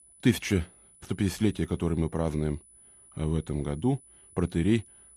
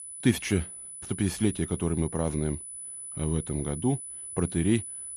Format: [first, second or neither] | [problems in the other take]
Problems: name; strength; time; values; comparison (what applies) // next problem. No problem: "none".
first | high-pitched whine; loud; throughout; 10 kHz, 8 dB below the speech; faint in the first